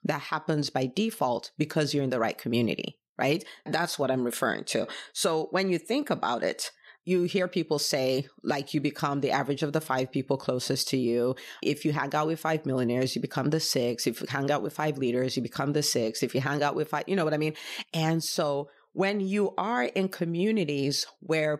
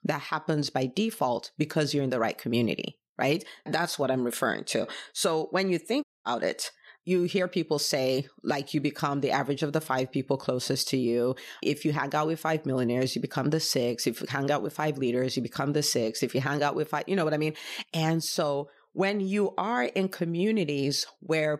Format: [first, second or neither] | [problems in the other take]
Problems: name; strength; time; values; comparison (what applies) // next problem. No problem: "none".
first | audio cutting out; at 6 s